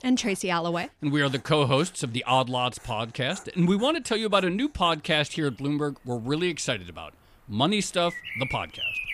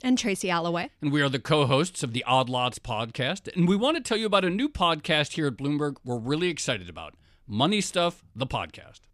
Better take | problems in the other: second | animal sounds; noticeable; throughout; 15 dB below the speech

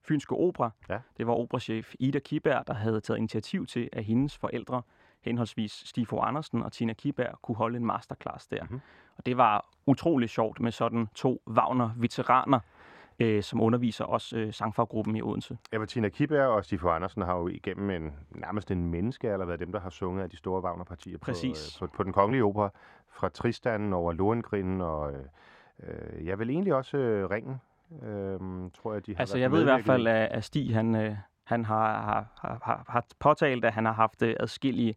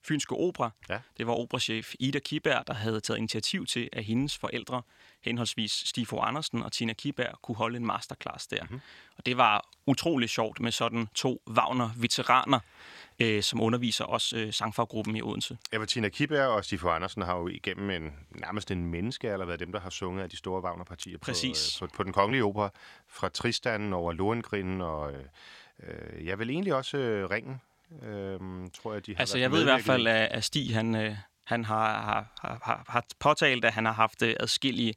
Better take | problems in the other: second | muffled; very; fading above 2 kHz

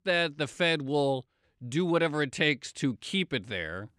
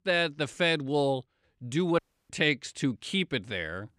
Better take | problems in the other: first | audio cutting out; at 2 s

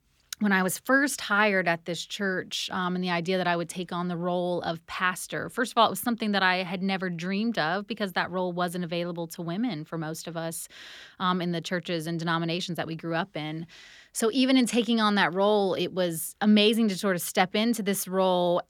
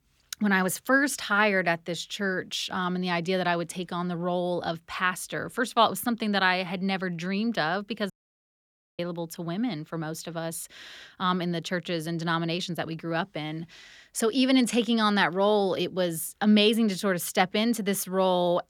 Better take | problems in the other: first | audio cutting out; at 8 s for 1 s

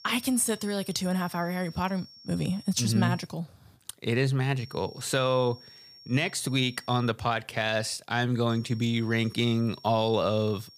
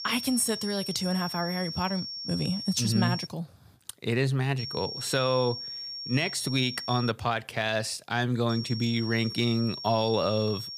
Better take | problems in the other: first | high-pitched whine; loud; until 3.5 s, from 4.5 to 7 s and from 8.5 s on; 5.5 kHz, 7 dB below the speech; faint in the first

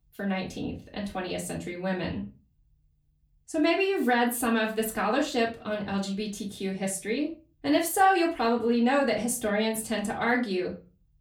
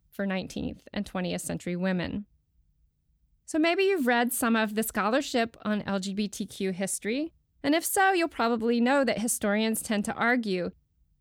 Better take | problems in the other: second | off-mic speech; far // room echo; very slight; dies away in 0.3 s

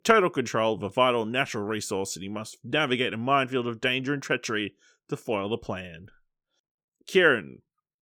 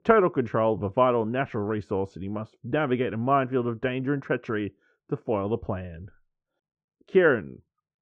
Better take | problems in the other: first | muffled; very; fading above 1 kHz

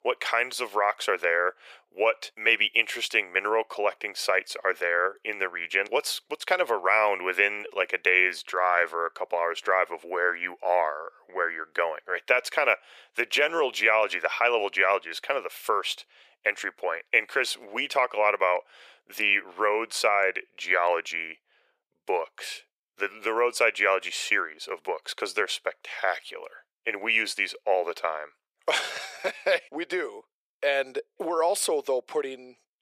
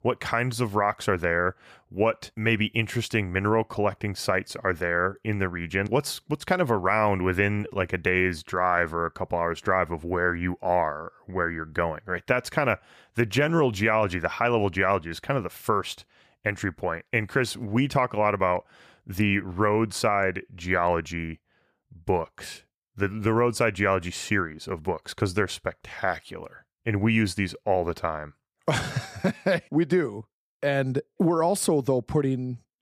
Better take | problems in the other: second | thin; very; fading below 450 Hz

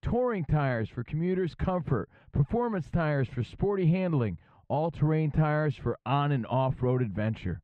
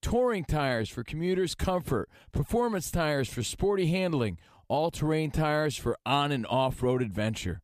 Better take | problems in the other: second | muffled; very; fading above 2 kHz

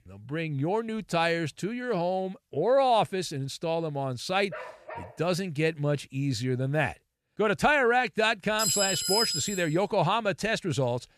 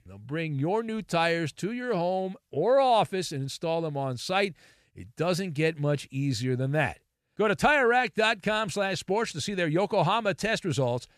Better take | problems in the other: second | dog barking; faint; at 4.5 s; peak 15 dB below the speech // clattering dishes; loud; from 8.5 to 9.5 s; peak 3 dB above the speech

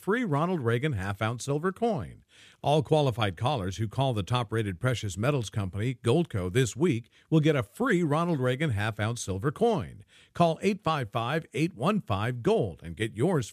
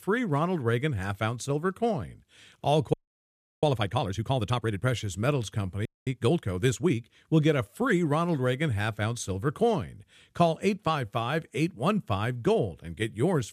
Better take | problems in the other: first | audio freezing; at 3 s for 0.5 s and at 6 s

